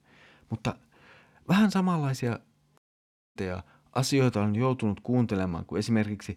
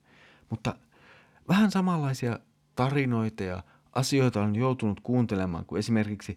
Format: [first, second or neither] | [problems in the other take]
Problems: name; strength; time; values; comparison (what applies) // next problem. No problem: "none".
second | audio cutting out; at 3 s for 0.5 s